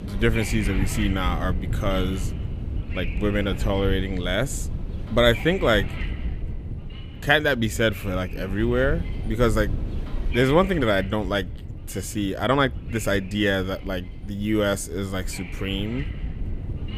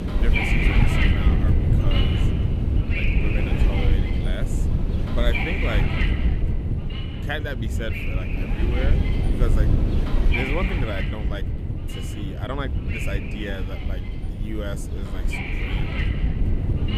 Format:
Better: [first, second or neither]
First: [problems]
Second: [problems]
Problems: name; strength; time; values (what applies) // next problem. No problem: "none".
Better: first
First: wind noise on the microphone; occasional gusts; 15 dB below the speech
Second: wind noise on the microphone; heavy; 4 dB above the speech